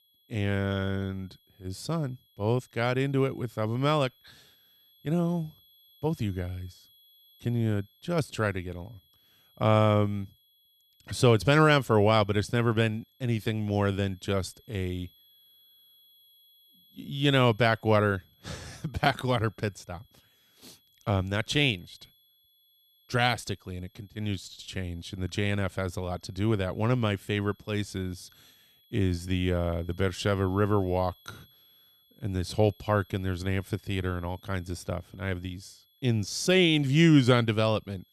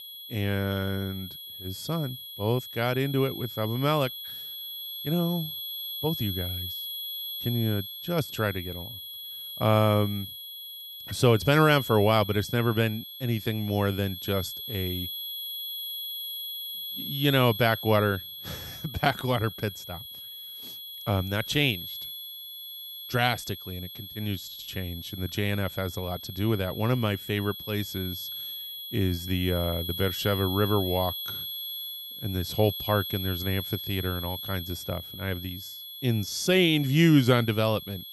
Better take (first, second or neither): first